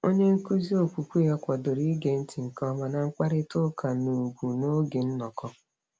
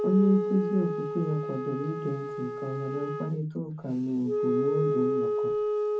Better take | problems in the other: first | background sound (Wind instrument, woodwind instrument); 1 dB below the speech // room echo; dies away in 0.3 s

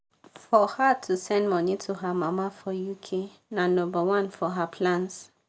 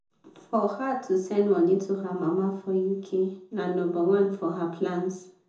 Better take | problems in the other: first | room echo; dies away in 0.5 s

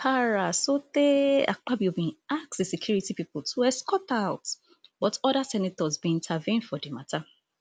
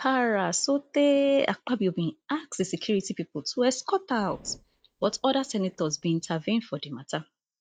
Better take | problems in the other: first | noise reduction (neural mask model DeepFilterNet 3)

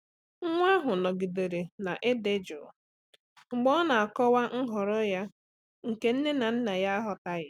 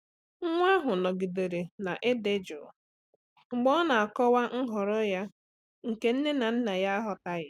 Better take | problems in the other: first | noise reduction (neural mask model Resemble Enhance denoiser)

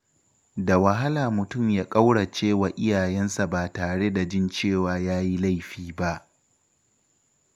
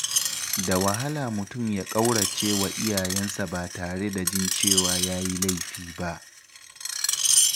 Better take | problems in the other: first | background sound (Screech); 1 dB above the speech

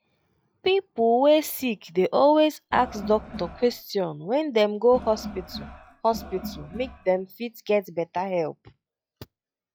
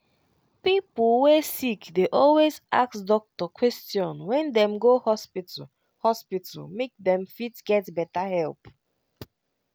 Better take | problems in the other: second | noise reduction (classical method log-MMSE)

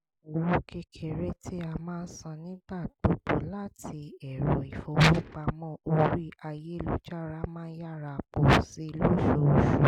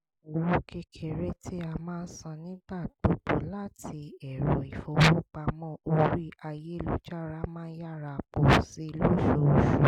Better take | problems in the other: second | background sound (Gunshot, gunfire); 14 dB below the speech

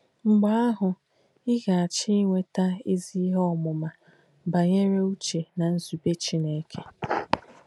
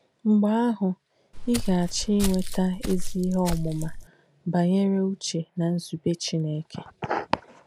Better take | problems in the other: first | background sound (Walk, footsteps); 4 dB below the speech

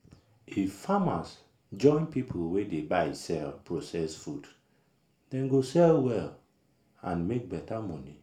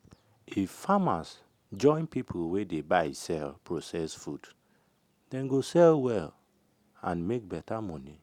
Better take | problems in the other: second | room echo; dies away in 0.3 s

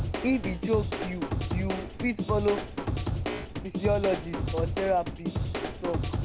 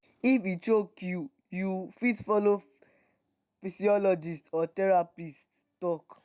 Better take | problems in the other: second | background sound (Drum / Drum kit); as loud as the speech

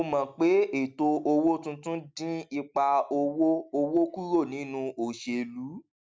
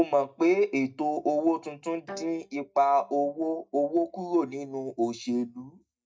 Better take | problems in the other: first | noise reduction (neural mask model DeepFilterNet 3)

